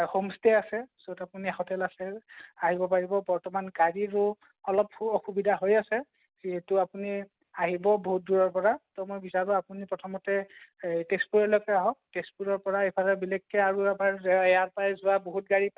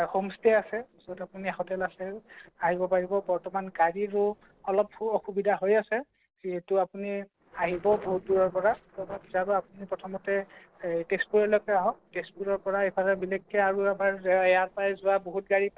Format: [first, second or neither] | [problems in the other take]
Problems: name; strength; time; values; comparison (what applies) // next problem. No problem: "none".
first | noise reduction (neural separator model SepFormer DNS4)